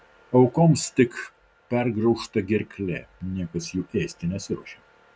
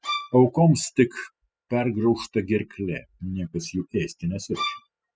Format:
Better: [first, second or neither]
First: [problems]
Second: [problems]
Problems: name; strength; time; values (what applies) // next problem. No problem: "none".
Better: first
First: none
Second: noise reduction (classical method spectral subtraction)